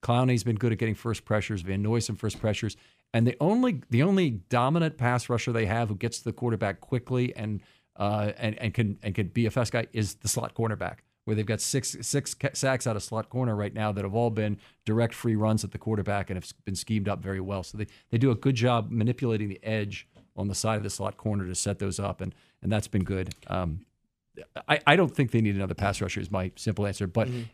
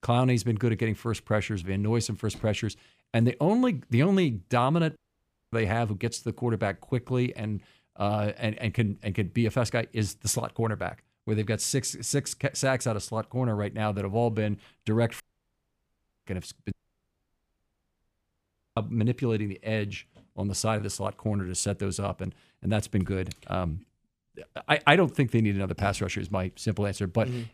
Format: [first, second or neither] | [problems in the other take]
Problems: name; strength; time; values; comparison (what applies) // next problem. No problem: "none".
first | audio cutting out; at 5 s for 0.5 s, at 15 s for 1 s and at 17 s for 2 s